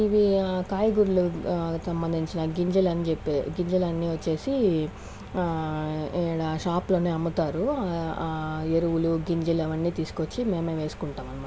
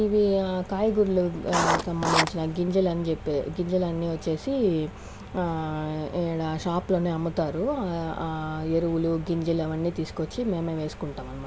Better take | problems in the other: first | background sound (Writing); as loud as the speech

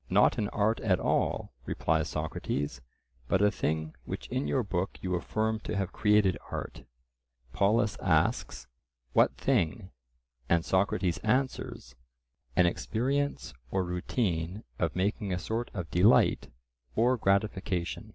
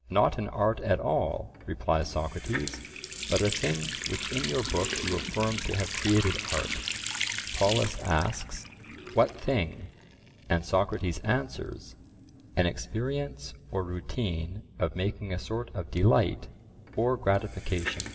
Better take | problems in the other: first | background sound (Water tap, faucet); 9 dB below the speech // room echo; dies away in 1.3 s

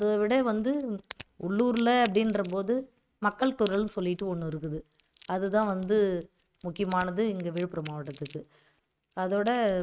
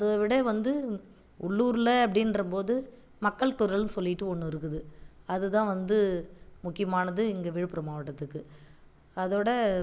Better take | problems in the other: second | noise reduction (neural mask model RNNoise)

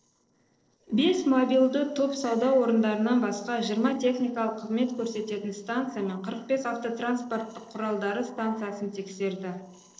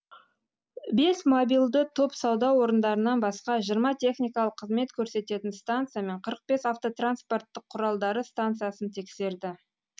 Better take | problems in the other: second | noise reduction (neural separator model SepFormer DNS4)

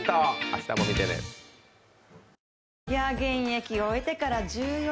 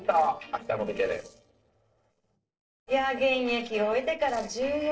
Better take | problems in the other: first | noise reduction (neural separator model SepFormer DNS4)

